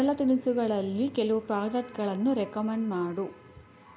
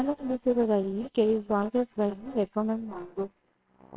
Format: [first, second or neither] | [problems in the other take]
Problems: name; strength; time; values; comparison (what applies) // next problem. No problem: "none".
first | noise reduction (neural separator model SepFormer WHAMR!)